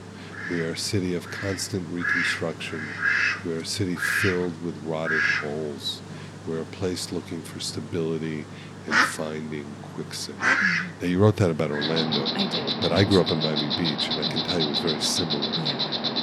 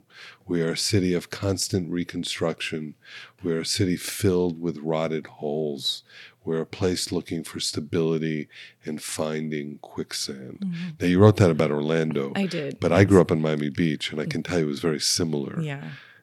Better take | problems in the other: second | animal sounds; very loud; throughout; 3 dB above the speech

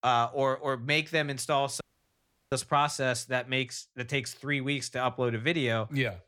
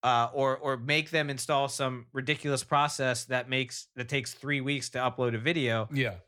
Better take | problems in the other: second | audio cutting out; at 2 s for 0.5 s

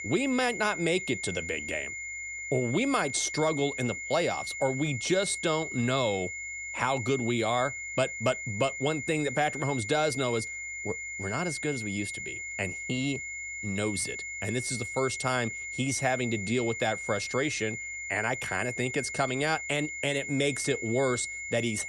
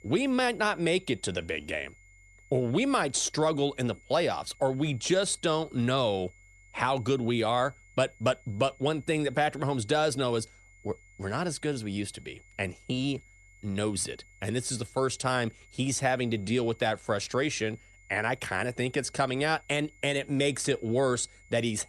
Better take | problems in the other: second | high-pitched whine; loud; throughout; 2 kHz, 5 dB below the speech; faint in the second

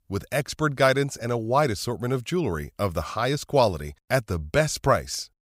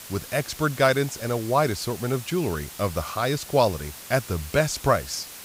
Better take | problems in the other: first | hiss; noticeable; throughout; 15 dB below the speech

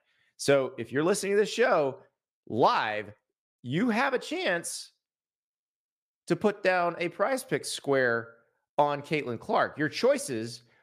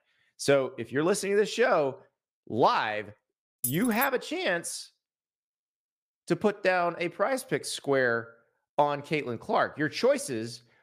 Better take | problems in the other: first | jangling keys; noticeable; at 3.5 s; peak 5 dB below the speech

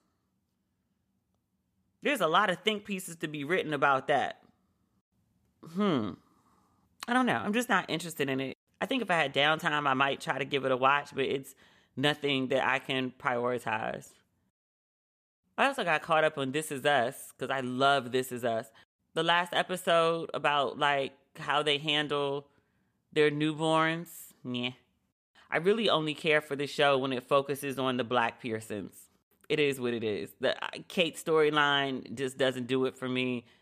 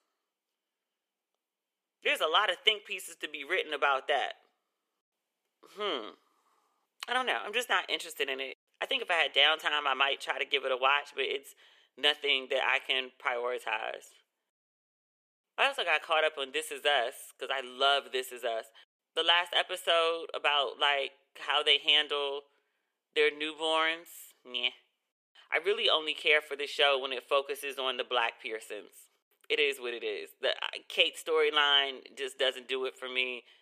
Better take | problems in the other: first | thin; very; fading below 400 Hz

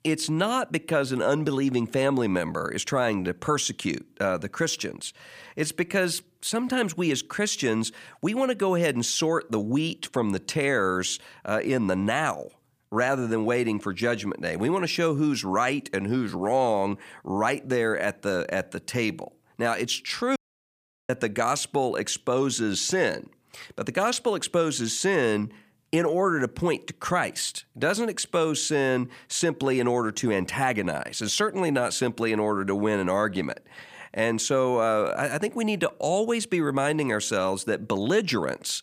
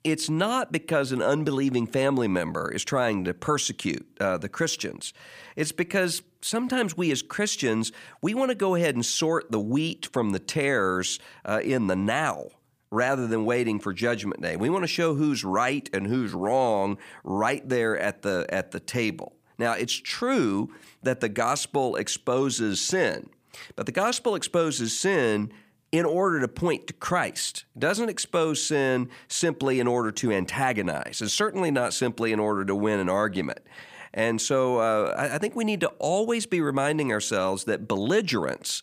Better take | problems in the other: second | audio cutting out; at 20 s for 0.5 s

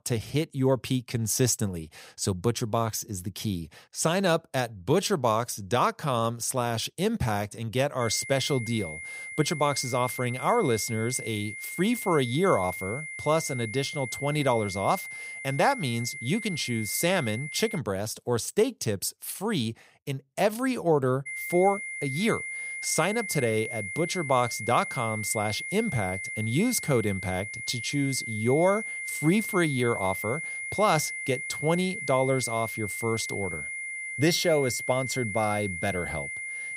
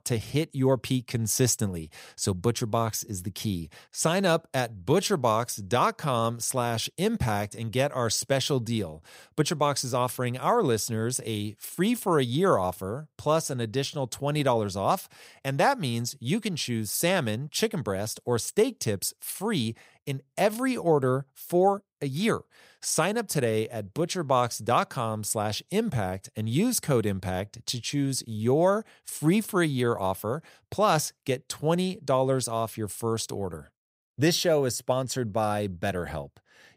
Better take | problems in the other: second | high-pitched whine; loud; from 8 to 18 s and from 21 s on; 2 kHz, 6 dB below the speech

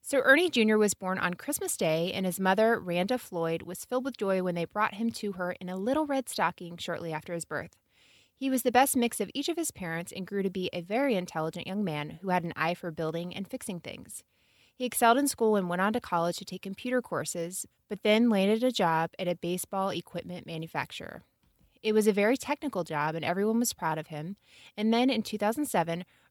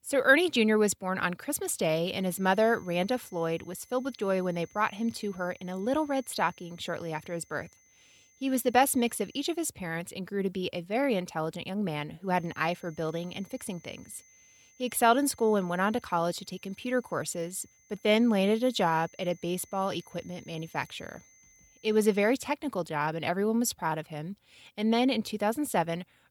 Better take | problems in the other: first | high-pitched whine; faint; from 2.5 to 9.5 s and from 12 to 22 s; 6.5 kHz, 30 dB below the speech

